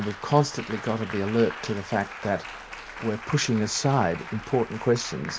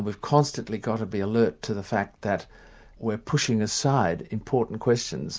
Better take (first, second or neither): second